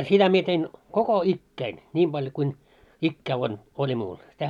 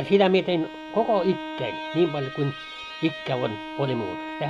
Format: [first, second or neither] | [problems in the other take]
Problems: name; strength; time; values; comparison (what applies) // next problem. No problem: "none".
first | background sound (Bowed string instrument); 10 dB below the speech